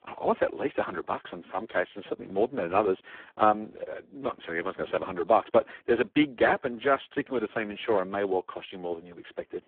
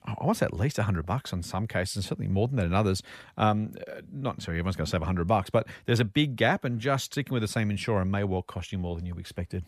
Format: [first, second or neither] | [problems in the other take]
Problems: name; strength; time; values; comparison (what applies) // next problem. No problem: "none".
second | phone-call audio; poor line